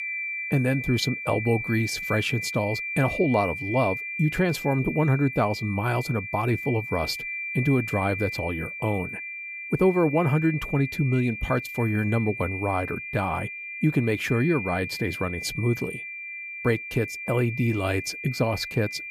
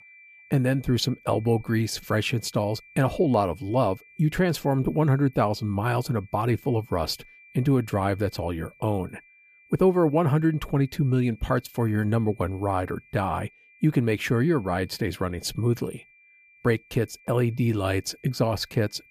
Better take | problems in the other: second | high-pitched whine; loud; throughout; 2.5 kHz, 6 dB below the speech; faint in the second

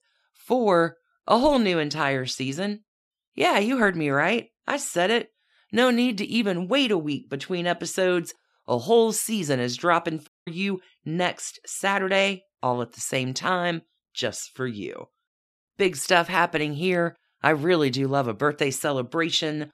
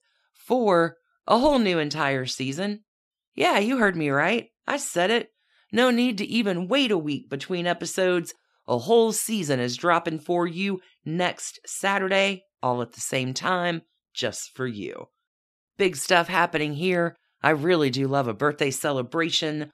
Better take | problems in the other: second | audio cutting out; at 10 s

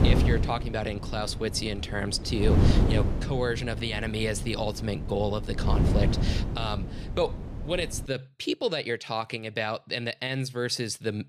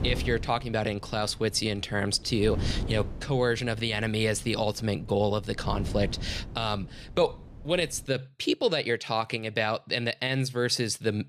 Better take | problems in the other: second | wind noise on the microphone; heavy; until 8 s; 7 dB below the speech; occasional gusts in the second

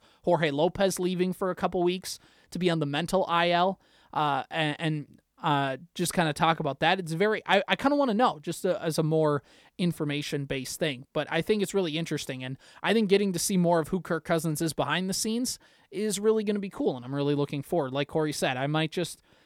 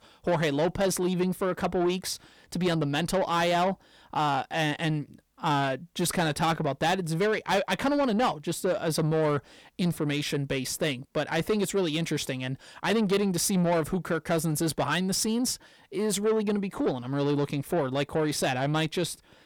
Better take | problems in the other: first | distortion; slight; 10 dB below the speech

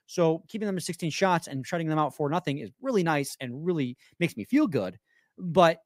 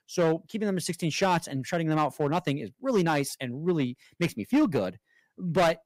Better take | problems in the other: first | distortion; slight; 5% of the sound clipped

